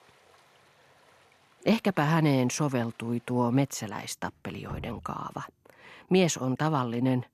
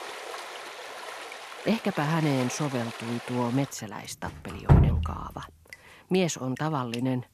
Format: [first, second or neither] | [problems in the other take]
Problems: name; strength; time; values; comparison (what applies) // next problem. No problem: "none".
first | rain or running water; loud; throughout; as loud as the speech; faint in the first